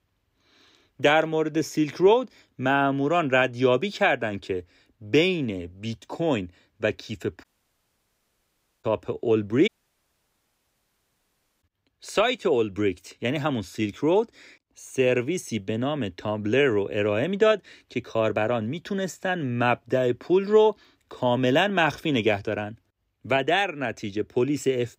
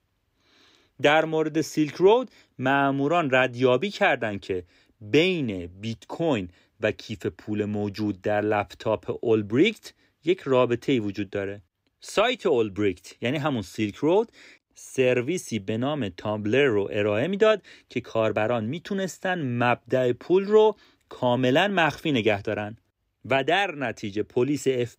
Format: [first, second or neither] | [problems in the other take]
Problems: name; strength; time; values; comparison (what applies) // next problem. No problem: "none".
second | audio cutting out; at 7.5 s for 1.5 s and at 9.5 s for 2 s